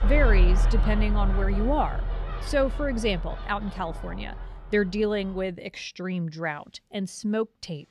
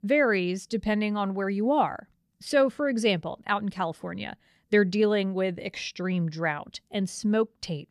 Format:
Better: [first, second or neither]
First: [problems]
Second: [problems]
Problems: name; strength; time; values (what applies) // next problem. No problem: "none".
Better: second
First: animal sounds; very loud; throughout; as loud as the speech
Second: none